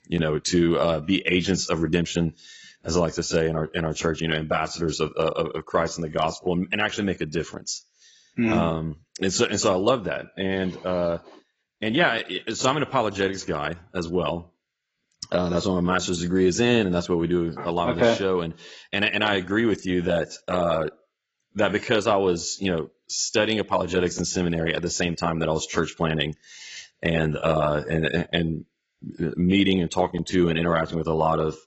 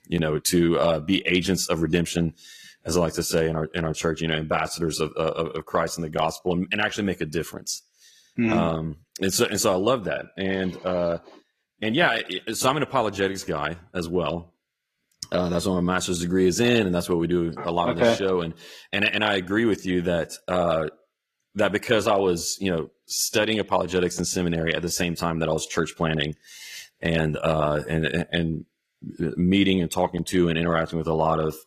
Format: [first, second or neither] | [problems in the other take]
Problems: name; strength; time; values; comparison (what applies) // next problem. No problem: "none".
second | garbled, watery; badly; nothing above 7.5 kHz; slightly in the second